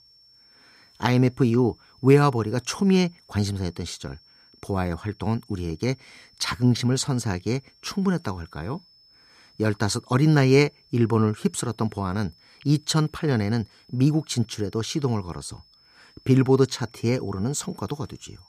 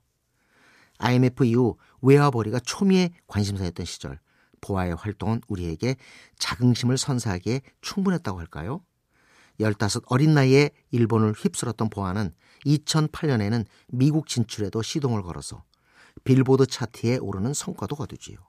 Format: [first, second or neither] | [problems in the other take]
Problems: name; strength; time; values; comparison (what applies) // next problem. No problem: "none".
second | high-pitched whine; faint; throughout; 5 kHz, 30 dB below the speech